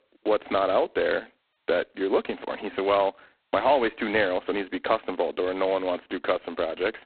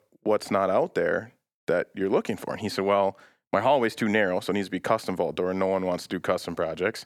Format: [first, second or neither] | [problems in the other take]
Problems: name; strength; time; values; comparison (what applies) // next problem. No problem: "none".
second | phone-call audio; poor line; nothing above 4 kHz